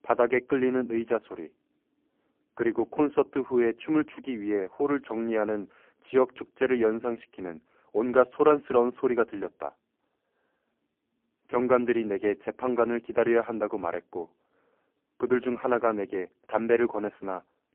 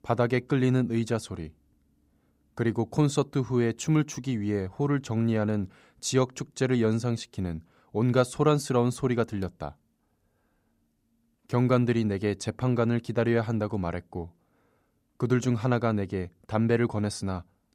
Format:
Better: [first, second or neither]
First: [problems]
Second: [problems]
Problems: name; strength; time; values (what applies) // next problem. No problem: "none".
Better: second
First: phone-call audio; poor line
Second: none